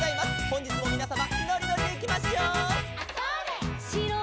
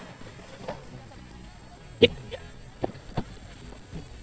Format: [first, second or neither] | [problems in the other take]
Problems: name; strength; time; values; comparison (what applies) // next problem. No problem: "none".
first | noise reduction (neural mask model DeepFilterNet 3)